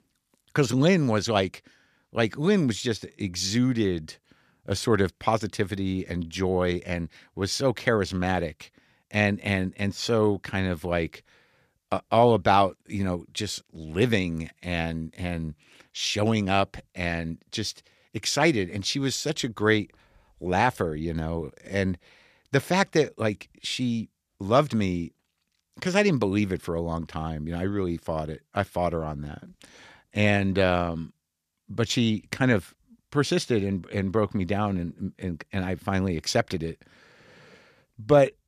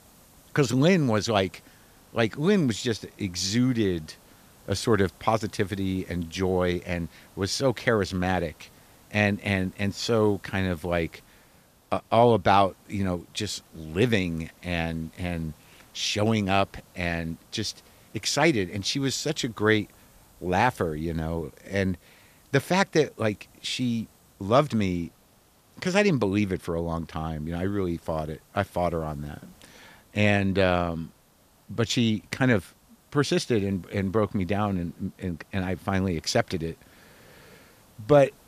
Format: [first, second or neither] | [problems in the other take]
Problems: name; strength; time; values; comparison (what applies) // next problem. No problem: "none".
first | hiss; faint; throughout; 30 dB below the speech